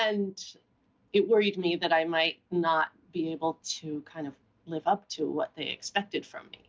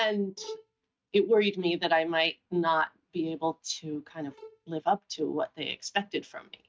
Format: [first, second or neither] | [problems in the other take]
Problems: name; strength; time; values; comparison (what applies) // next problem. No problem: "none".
first | noise reduction (neural mask model RNNoise)